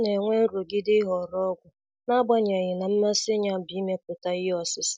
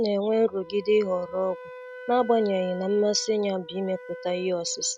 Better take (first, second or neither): first